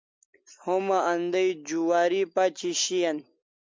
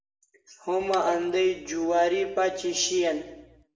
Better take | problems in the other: first | background sound (Liquid); 16 dB below the speech // room echo; dies away in 0.7 s

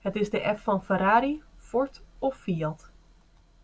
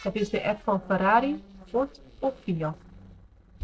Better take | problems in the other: first | noise reduction (neural separator model SepFormer DNS4)

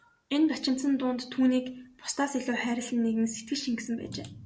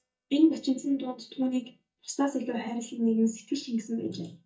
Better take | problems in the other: first | noise reduction (neural mask model DeepFilterNet 3)

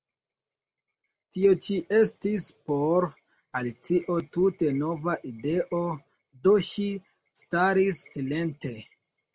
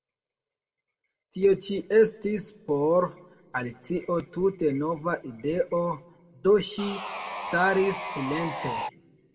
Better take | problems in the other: first | background sound (Sawing); 6 dB below the speech // room echo; dies away in 0.4 s

